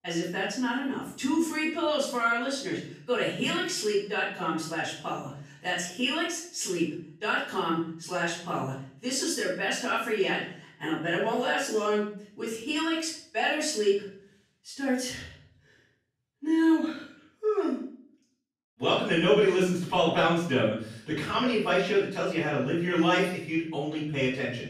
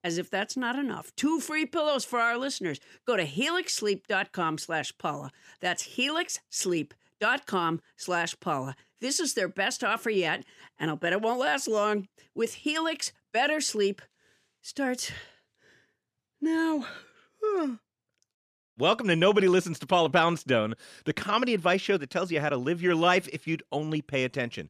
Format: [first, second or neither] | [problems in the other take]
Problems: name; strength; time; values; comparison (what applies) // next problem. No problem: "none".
second | off-mic speech; far // room echo; noticeable; dies away in 0.5 s